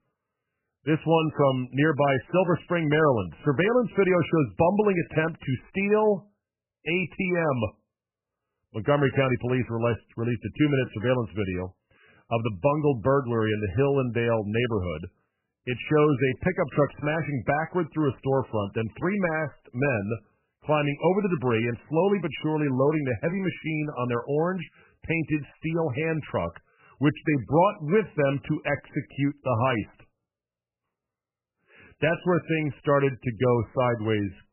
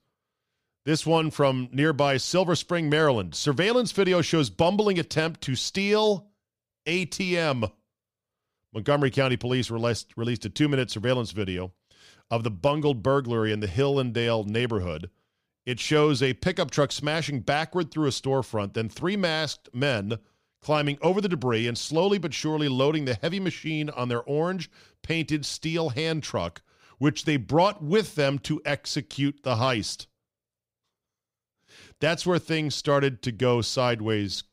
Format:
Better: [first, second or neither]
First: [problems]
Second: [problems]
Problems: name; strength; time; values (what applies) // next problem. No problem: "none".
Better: second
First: garbled, watery; badly; nothing above 3 kHz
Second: none